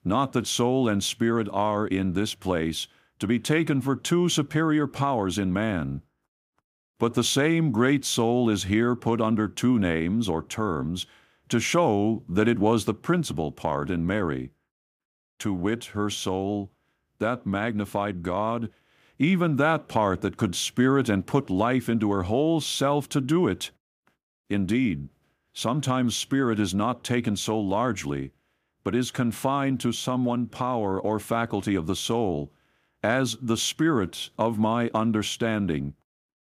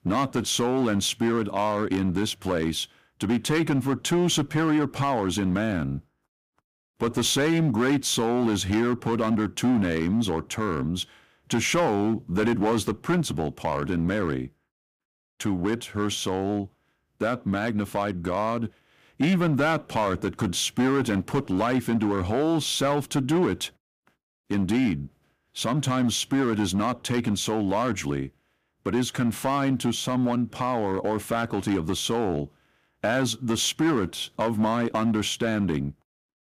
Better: first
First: none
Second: distortion; slight; 7% of the sound clipped

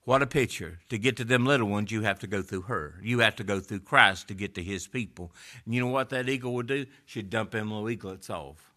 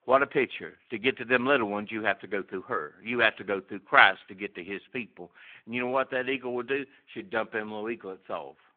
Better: first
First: none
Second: phone-call audio; nothing above 3.5 kHz

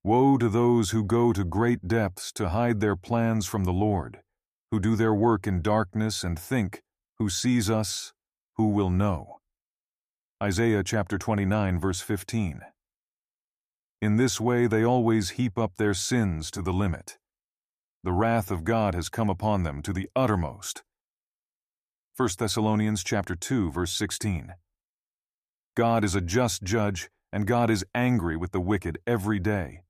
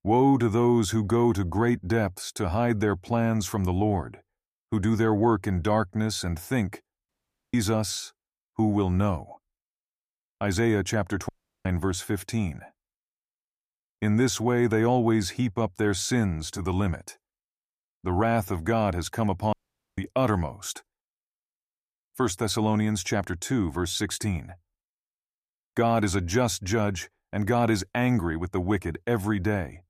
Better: first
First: none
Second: audio cutting out; at 7 s, at 11 s and at 20 s

